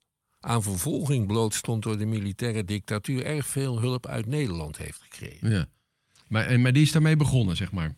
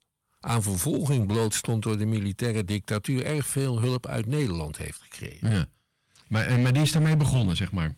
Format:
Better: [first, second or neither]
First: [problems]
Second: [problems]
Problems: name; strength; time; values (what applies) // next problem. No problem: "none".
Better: first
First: none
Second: distortion; slight; 6% of the sound clipped